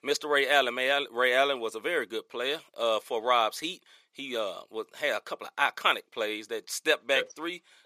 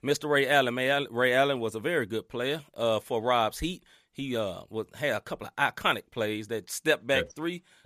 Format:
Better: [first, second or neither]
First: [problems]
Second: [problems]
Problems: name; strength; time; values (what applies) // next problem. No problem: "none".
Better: second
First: thin; somewhat; fading below 400 Hz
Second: none